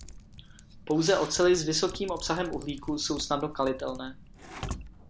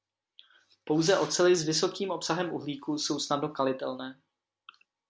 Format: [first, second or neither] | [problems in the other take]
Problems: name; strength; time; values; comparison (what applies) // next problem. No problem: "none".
second | background sound (Typing); 14 dB below the speech